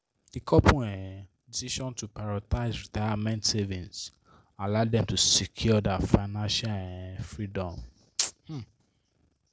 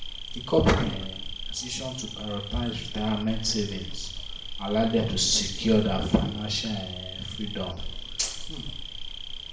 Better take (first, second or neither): first